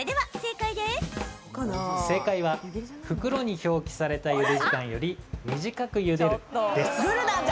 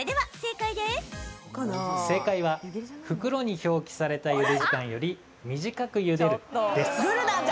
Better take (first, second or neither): second